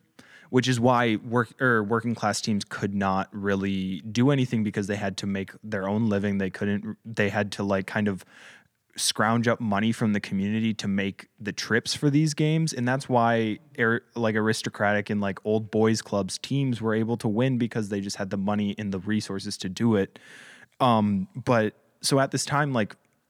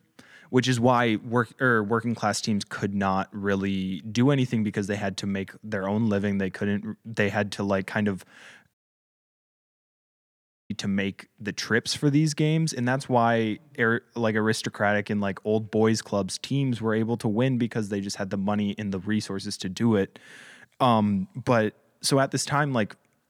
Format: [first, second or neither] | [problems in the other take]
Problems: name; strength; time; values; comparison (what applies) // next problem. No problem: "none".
first | audio cutting out; at 8.5 s for 2 s